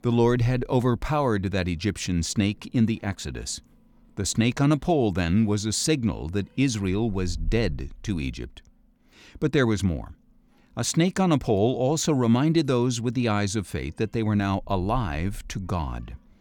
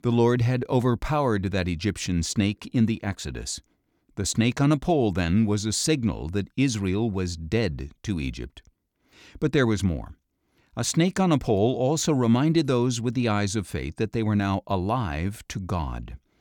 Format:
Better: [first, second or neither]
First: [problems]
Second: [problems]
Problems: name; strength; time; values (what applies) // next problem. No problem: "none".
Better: second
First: animal sounds; faint; throughout; 20 dB below the speech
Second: none